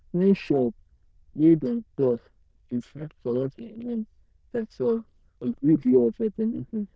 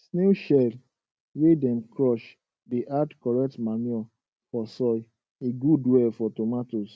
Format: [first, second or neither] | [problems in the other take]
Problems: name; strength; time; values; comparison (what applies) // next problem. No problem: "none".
second | noise reduction (neural diffusion model UNIVERSE++)